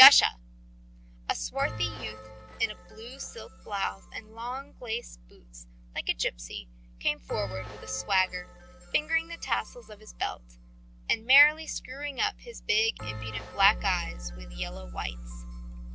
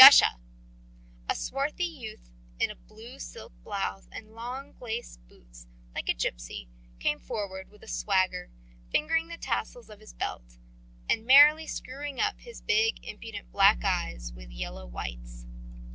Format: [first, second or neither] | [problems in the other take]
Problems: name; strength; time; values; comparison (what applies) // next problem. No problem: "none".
second | background sound (Bell); 16 dB below the speech